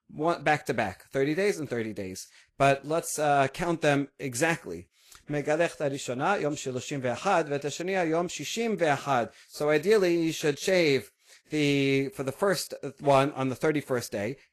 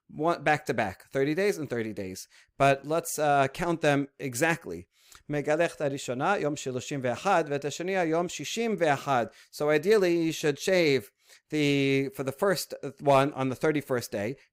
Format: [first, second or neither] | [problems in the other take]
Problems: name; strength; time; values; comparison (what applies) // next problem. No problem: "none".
second | garbled, watery; slightly; nothing above 12.5 kHz